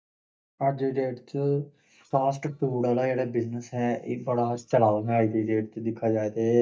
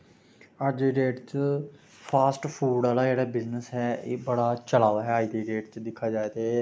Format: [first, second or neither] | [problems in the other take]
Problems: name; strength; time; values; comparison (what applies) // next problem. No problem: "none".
second | noise reduction (neural mask model DeepFilterNet 3)